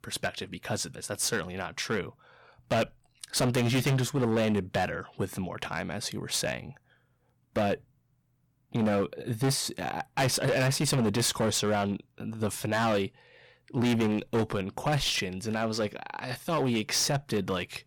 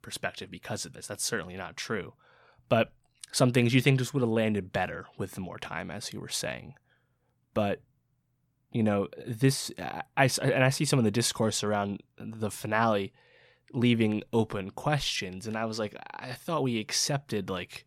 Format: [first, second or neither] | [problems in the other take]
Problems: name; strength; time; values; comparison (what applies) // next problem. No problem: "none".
second | distortion; heavy; 11% of the sound clipped